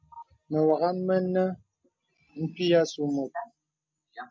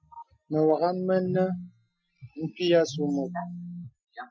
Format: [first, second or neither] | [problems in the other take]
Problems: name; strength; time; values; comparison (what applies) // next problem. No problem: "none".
first | noise reduction (classical method Wiener filter)